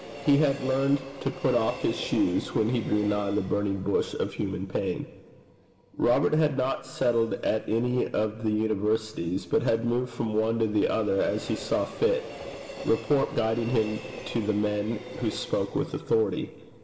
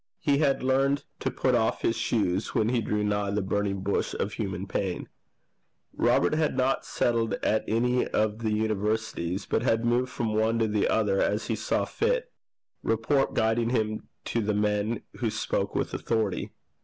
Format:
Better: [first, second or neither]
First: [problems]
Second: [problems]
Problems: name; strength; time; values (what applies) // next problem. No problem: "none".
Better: second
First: background sound (Train); 16 dB below the speech // room echo; dies away in 1.9 s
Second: none